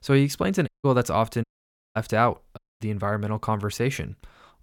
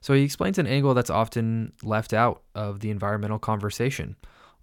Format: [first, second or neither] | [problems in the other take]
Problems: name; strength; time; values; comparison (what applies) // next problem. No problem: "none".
second | audio cutting out; at 0.5 s, at 1.5 s for 0.5 s and at 2.5 s